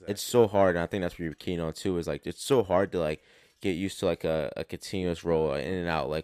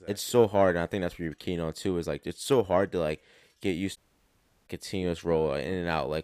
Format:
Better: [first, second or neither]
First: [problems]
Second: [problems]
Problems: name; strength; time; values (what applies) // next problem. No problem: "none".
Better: first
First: none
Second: audio cutting out; at 4 s for 0.5 s